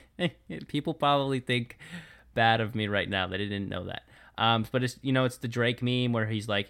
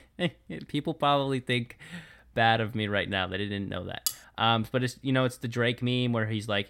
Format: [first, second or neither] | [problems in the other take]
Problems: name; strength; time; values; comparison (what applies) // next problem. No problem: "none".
first | clattering dishes; noticeable; at 4 s; peak 4 dB below the speech